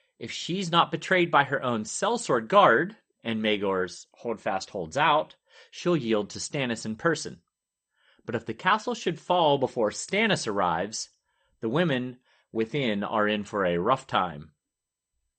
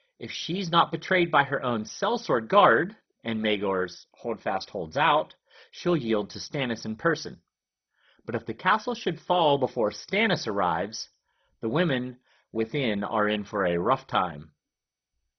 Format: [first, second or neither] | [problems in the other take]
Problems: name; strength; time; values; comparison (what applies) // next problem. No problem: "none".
first | garbled, watery; badly; nothing above 6 kHz; slightly in the first